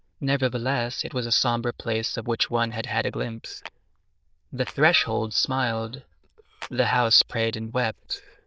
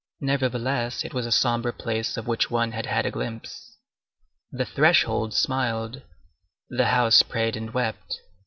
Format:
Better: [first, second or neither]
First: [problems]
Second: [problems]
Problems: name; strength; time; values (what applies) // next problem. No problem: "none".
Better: second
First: noise reduction (neural diffusion model UNIVERSE++)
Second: none